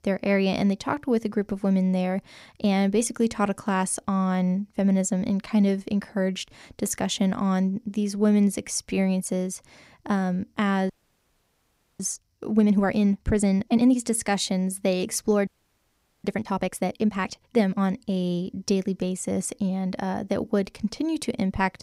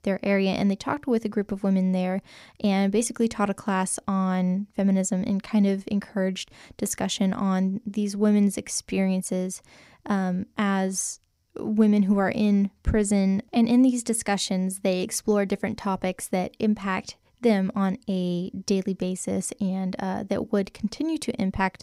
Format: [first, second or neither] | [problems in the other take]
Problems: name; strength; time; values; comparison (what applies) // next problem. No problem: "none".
second | audio freezing; at 11 s for 1 s and at 15 s for 1 s